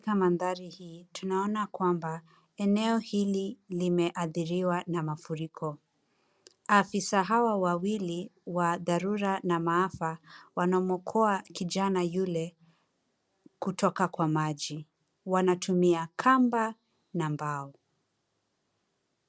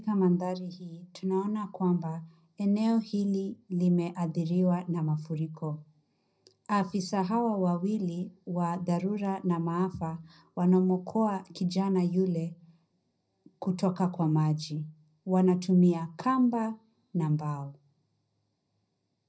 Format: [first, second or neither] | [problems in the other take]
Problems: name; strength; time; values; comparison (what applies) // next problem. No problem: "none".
first | room echo; dies away in 0.3 s